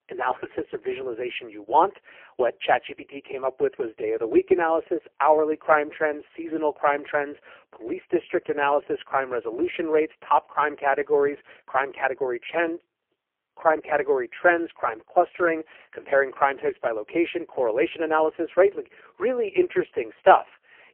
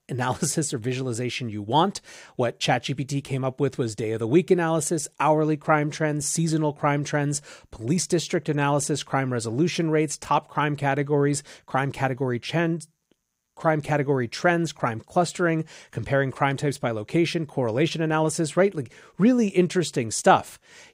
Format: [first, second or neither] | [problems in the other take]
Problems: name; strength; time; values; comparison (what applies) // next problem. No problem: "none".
second | phone-call audio; poor line; nothing above 3 kHz